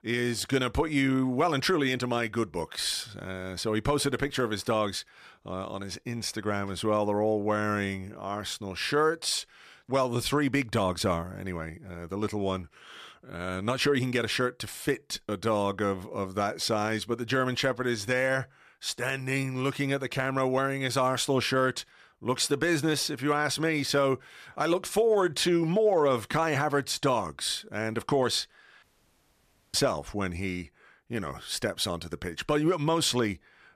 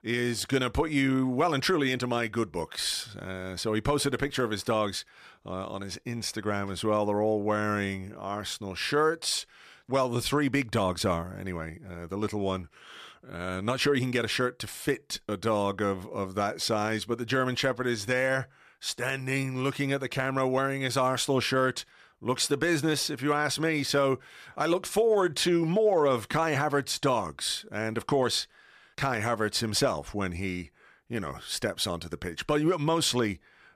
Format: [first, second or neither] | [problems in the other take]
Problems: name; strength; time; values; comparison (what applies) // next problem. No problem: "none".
second | audio cutting out; at 29 s for 1 s